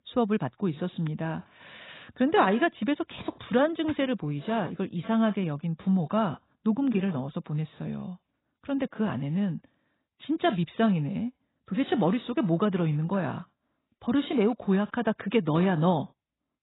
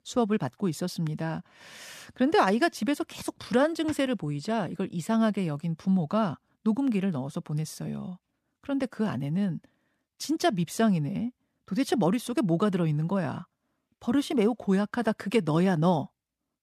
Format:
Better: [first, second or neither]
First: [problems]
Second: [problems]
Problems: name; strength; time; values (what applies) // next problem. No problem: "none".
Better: second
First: garbled, watery; badly; nothing above 4 kHz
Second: none